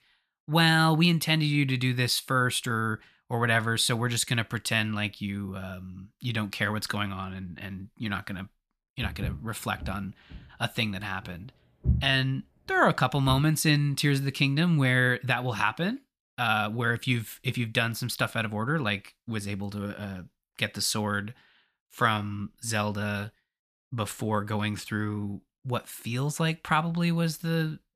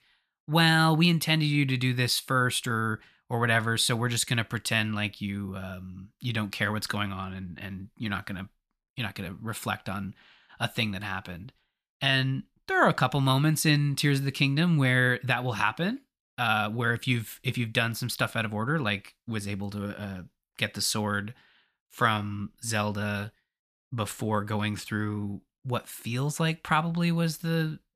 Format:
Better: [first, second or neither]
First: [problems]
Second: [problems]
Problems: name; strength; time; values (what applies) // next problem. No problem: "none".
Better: second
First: footsteps; noticeable; from 9 to 13 s; peak 2 dB below the speech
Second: none